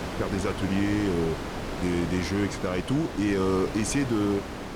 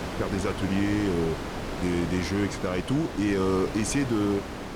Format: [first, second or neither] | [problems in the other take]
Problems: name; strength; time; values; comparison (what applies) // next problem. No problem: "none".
neither | wind noise on the microphone; heavy; 5 dB below the speech; the same in both